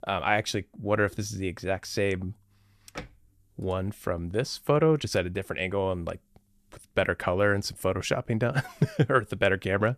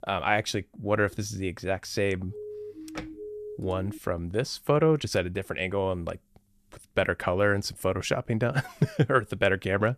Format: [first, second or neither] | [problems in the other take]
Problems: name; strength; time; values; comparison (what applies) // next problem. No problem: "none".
first | siren; faint; from 2.5 to 4 s; peak 10 dB below the speech